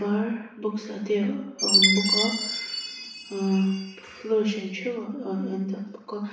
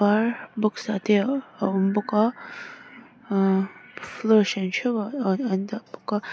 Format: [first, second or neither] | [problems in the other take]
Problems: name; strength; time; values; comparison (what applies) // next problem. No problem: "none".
second | background sound (Chime); 2 dB below the speech // room echo; dies away in 0.7 s